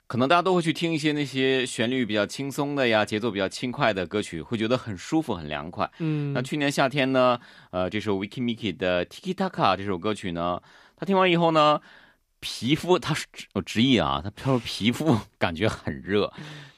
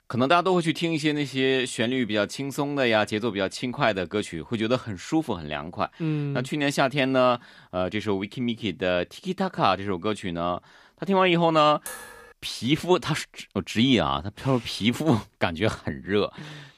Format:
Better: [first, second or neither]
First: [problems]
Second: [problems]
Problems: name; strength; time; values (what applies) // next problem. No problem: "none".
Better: first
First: none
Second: clattering dishes; faint; at 12 s; peak 10 dB below the speech